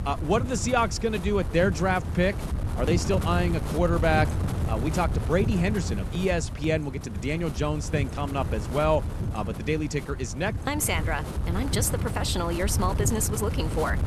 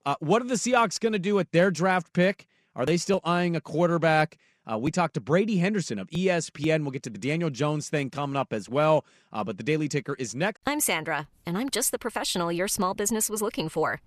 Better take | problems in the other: second | wind noise on the microphone; occasional gusts; 10 dB below the speech

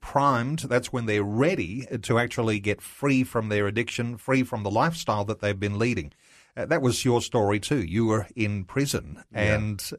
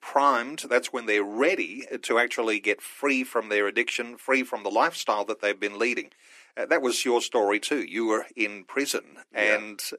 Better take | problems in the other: first | thin; somewhat; fading below 300 Hz

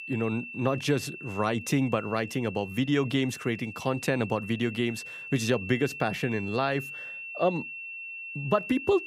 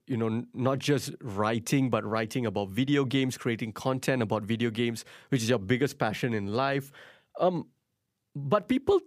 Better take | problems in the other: second | high-pitched whine; loud; throughout; 2.5 kHz, 10 dB below the speech

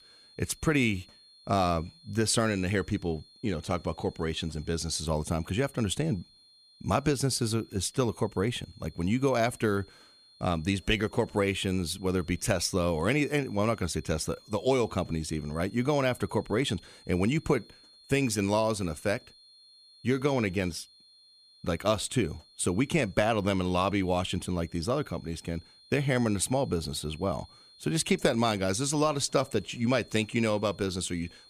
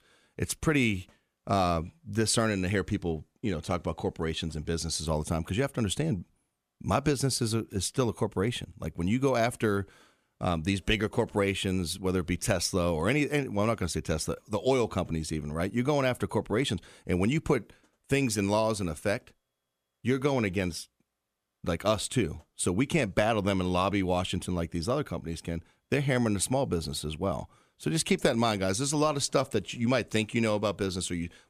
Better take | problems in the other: second | high-pitched whine; faint; throughout; 4 kHz, 25 dB below the speech

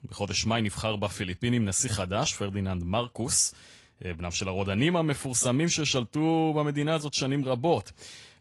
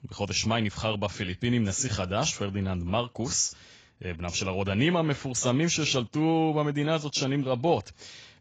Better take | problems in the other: first | garbled, watery; badly; nothing above 7.5 kHz; slightly in the first

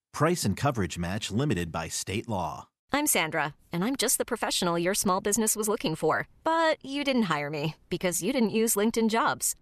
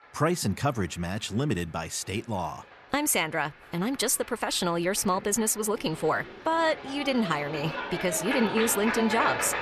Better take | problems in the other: first | crowd noise; loud; throughout; 6 dB below the speech

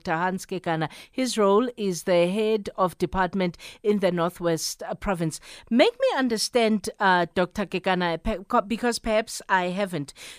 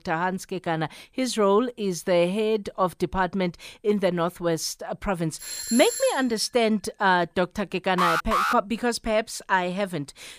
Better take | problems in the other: first | doorbell; noticeable; at 5.5 s; peak 4 dB below the speech // alarm; loud; at 8 s; peak 2 dB above the speech

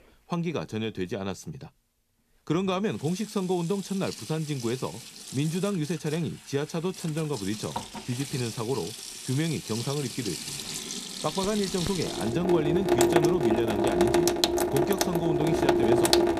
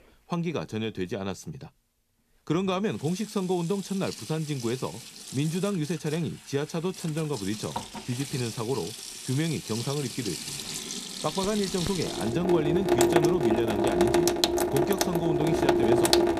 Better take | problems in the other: neither | household noises; very loud; throughout; 3 dB above the speech; the same in both

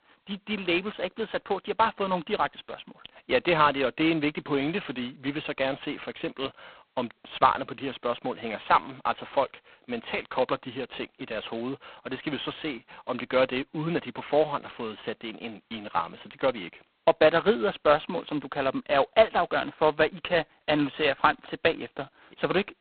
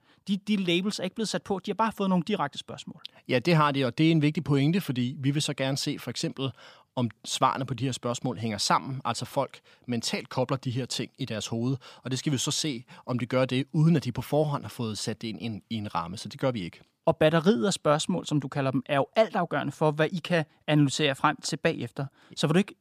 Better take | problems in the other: second | phone-call audio; poor line; nothing above 4 kHz

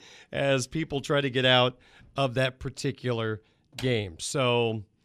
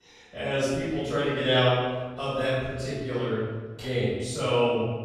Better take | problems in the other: first | off-mic speech; far // room echo; strong; dies away in 1.3 s

